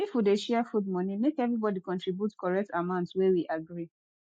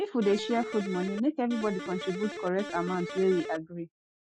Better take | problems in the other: first | background sound (Electric guitar); 9 dB below the speech

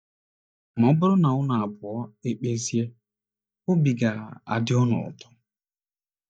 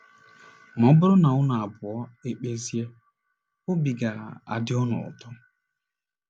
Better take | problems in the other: second | noise reduction (neural mask model DeepFilterNet 3)

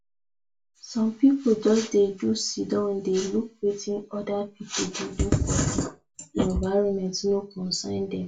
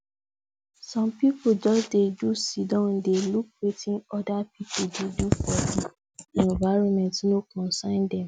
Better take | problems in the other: second | room echo; dies away in 0.2 s

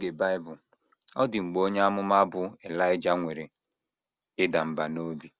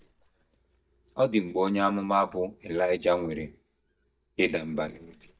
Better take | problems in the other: first | noise reduction (neural mask model DeepFilterNet 3)

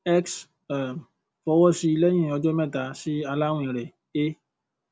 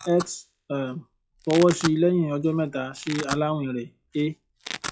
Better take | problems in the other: first | noise reduction (classical method log-MMSE)

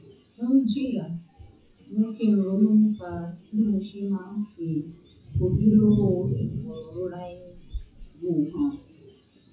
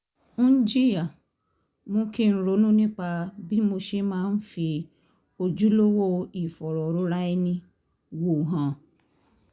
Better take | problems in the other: second | noise reduction (classical method WPE with log-MMSE)

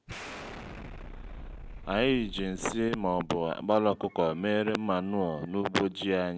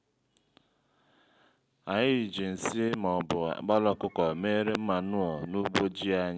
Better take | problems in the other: second | background sound (Explosion); 13 dB below the speech

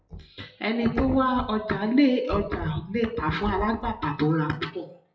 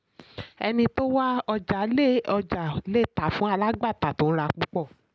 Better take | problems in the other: second | noise reduction (classical method WPE with log-MMSE)

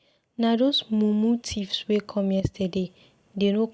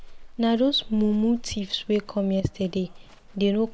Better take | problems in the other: first | background sound (Livestock, farm animals, working animals); 16 dB below the speech

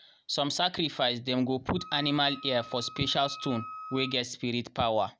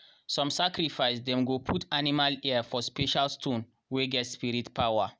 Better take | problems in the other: second | background sound (Wind instrument, woodwind instrument); 15 dB below the speech

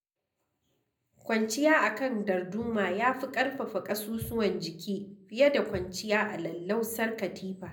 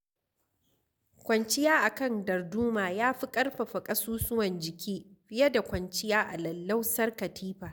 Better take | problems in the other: second | room echo; dies away in 0.4 s

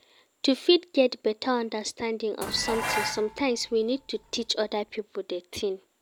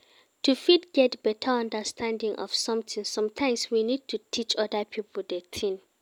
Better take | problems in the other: second | background sound (Dishes, pots, and pans); 8 dB below the speech

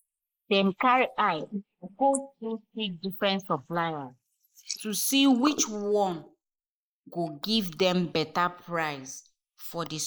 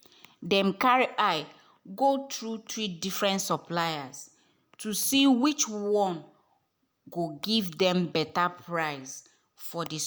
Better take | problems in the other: second | noise reduction (neural mask model Resemble Enhance denoiser)

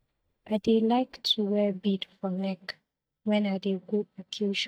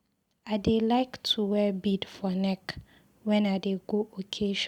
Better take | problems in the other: second | noise reduction (neural mask model DeepFilterNet 3)

